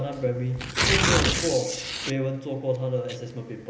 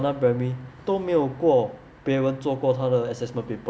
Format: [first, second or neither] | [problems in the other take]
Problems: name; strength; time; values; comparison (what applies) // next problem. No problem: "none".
second | background sound (Tearing); as loud as the speech // room echo; dies away in 0.8 s